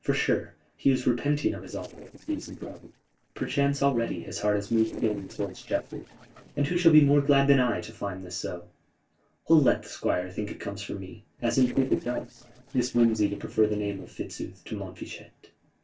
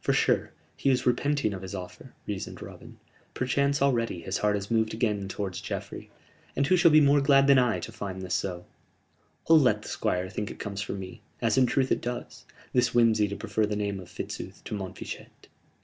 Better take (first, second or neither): second